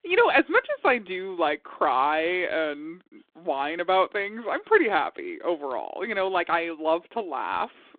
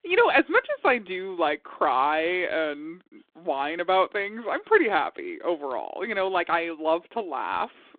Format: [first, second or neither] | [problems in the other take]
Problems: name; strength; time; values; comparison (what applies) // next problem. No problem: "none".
neither | phone-call audio; nothing above 3.5 kHz; the same in both